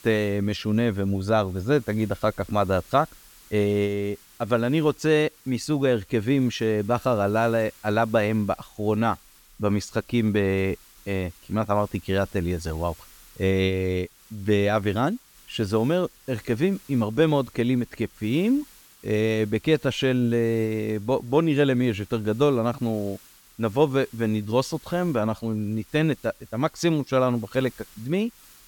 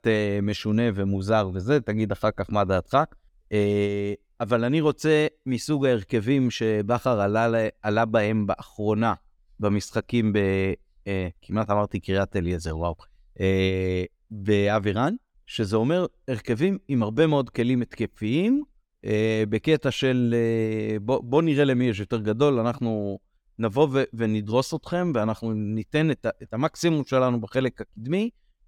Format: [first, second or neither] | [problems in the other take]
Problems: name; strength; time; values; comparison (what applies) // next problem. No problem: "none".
second | hiss; faint; throughout; 25 dB below the speech